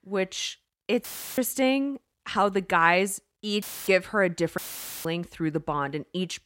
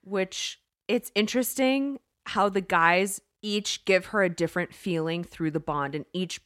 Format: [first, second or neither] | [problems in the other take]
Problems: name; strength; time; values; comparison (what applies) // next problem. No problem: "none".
second | audio cutting out; filled with static; at 1 s, at 3.5 s and at 4.5 s